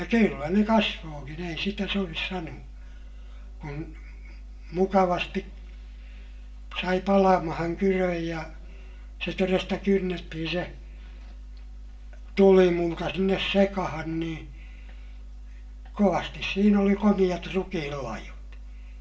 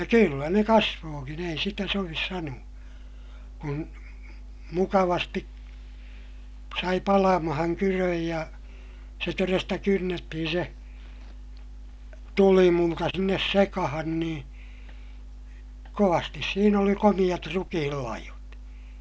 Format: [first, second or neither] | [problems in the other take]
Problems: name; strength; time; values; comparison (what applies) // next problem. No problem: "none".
second | room echo; dies away in 0.4 s